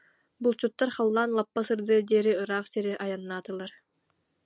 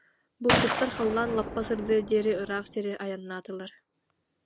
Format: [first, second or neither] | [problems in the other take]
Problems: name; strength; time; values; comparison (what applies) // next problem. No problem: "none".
first | background sound (Gunshot, gunfire); 3 dB below the speech